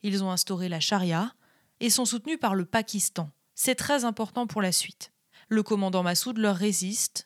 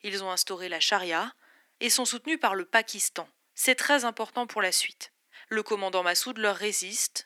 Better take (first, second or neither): first